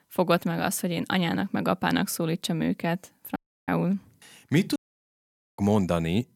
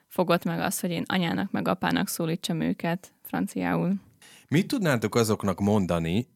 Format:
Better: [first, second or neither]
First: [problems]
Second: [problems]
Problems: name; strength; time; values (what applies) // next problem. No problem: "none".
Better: second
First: audio cutting out; at 3.5 s and at 5 s for 1 s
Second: none